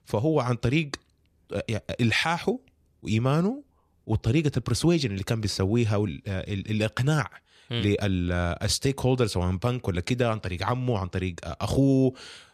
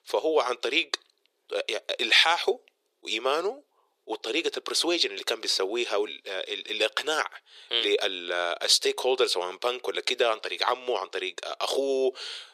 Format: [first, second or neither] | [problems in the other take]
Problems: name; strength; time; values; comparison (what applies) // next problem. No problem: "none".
first | thin; very; fading below 400 Hz